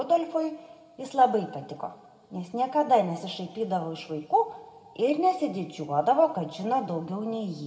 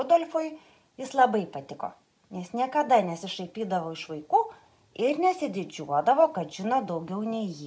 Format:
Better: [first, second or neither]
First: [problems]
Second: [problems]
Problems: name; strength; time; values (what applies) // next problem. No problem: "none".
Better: second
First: room echo; dies away in 1.4 s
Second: none